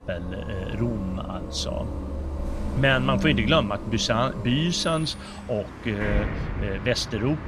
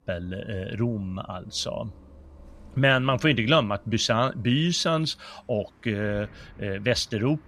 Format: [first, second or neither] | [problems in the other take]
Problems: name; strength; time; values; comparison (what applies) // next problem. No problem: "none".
second | traffic noise; loud; throughout; 7 dB below the speech; faint in the second